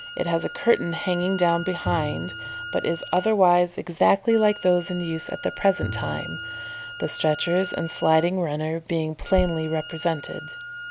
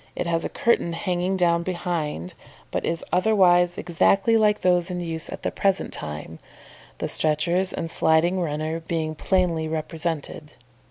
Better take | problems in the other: second | background sound (Bowed string instrument + Wind instrument, woodwind instrument); 12 dB below the speech

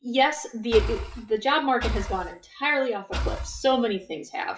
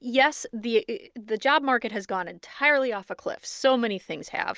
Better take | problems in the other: second | noise reduction (classical method WPE with log-MMSE)

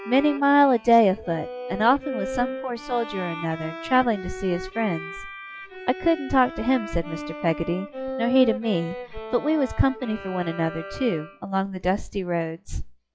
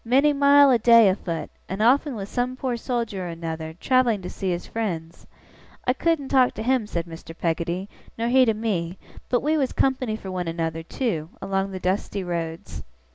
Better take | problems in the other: second | noise reduction (classical method log-MMSE)

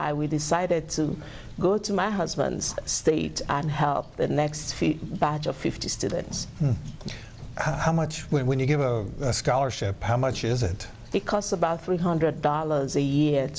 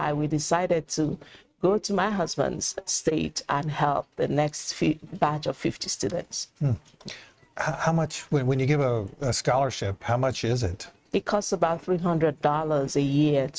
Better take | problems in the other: first | noise reduction (neural mask model RNNoise)

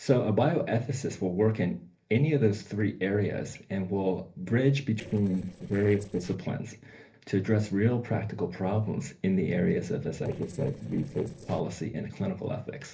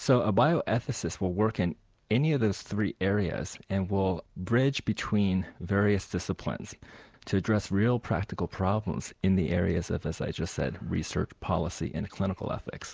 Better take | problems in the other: second | noise reduction (neural separator model SepFormer DNS4)

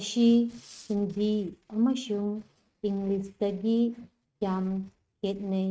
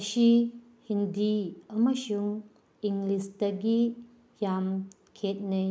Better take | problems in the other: second | noise reduction (neural mask model RNNoise)

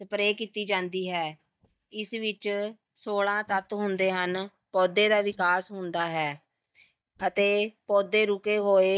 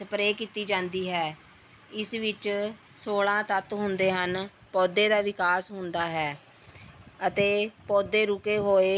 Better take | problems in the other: second | noise reduction (neural mask model DeepFilterNet 3)

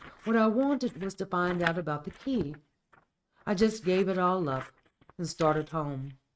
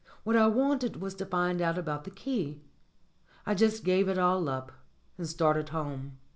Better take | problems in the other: second | noise reduction (neural mask model RNNoise)

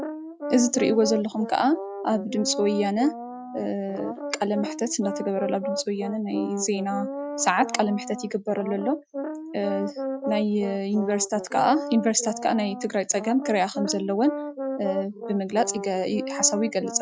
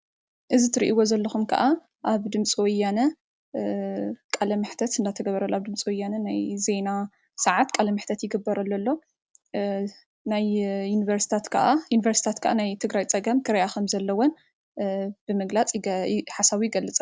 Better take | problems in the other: second | noise reduction (classical method Wiener filter)

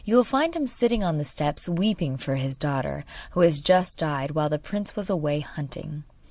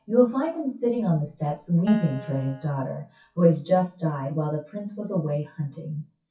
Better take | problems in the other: first | noise reduction (classical method WPE with log-MMSE)

